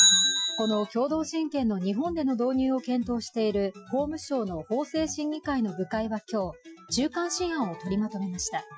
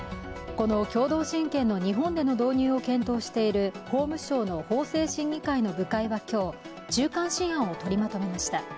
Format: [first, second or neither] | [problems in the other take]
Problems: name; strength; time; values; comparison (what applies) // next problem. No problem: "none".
second | noise reduction (classical method Wiener filter)